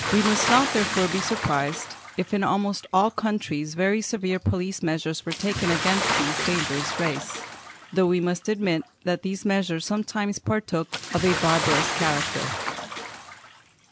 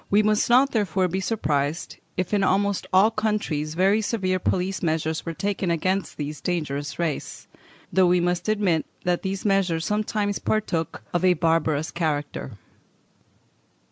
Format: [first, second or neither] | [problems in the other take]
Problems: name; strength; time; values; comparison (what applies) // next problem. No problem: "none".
second | background sound (Bathtub (filling or washing) / Splash, splatter); 5 dB below the speech